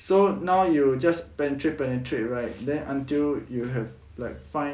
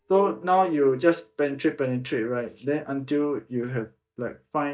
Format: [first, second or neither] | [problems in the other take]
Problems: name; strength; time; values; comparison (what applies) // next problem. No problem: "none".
first | noise reduction (neural mask model DeepFilterNet 3)